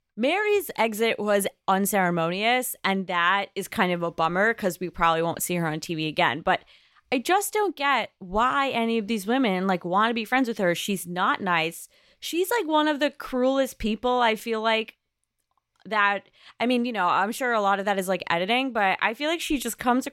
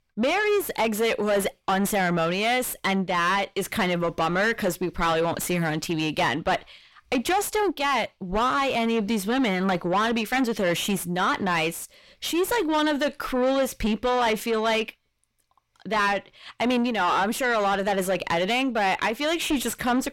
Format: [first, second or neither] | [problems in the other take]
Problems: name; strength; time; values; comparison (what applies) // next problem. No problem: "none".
first | distortion; heavy; 7 dB below the speech